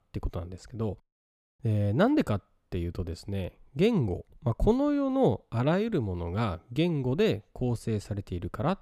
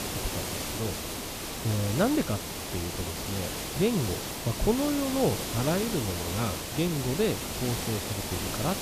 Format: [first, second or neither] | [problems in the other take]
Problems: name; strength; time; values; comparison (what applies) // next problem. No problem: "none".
first | hiss; loud; throughout; 2 dB below the speech